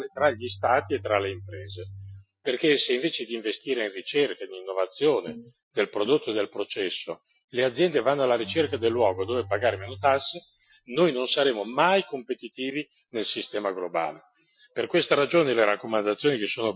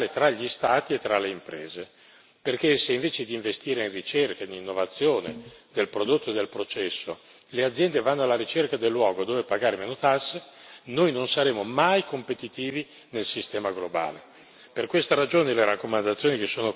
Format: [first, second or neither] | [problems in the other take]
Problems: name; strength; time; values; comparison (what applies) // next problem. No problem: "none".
second | noise reduction (classical method Wiener filter)